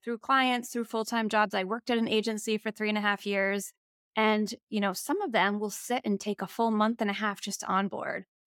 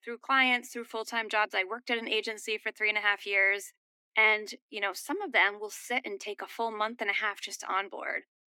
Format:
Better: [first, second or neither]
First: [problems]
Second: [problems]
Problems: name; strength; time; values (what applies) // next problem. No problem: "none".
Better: first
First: none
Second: thin; somewhat; fading below 250 Hz